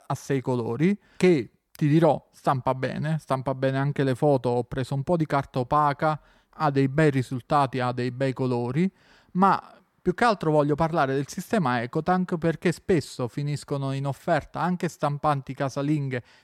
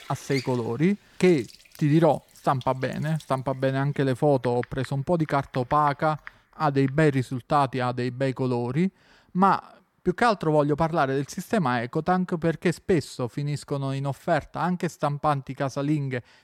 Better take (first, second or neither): first